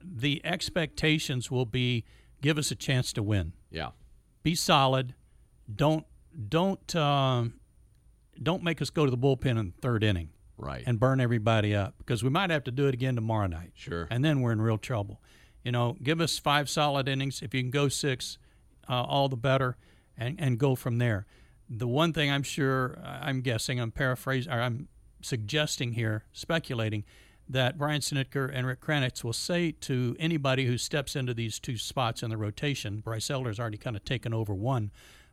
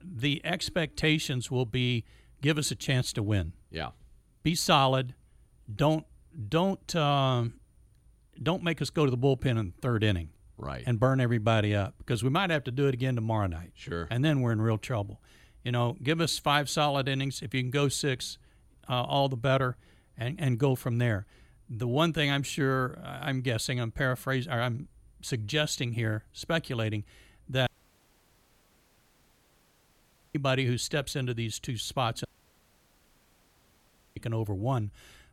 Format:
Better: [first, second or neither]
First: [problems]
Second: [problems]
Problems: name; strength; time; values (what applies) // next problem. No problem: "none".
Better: first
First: none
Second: audio cutting out; at 28 s for 2.5 s and at 32 s for 2 s